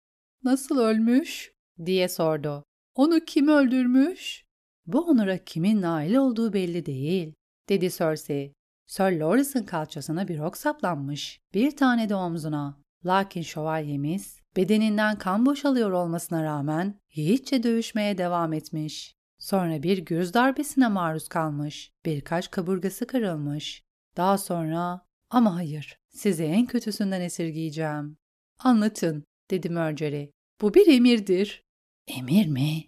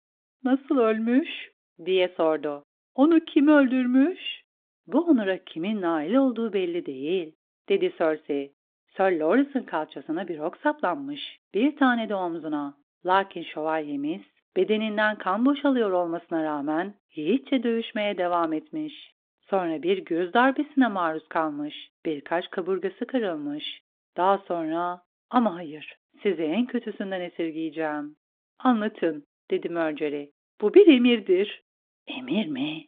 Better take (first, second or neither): first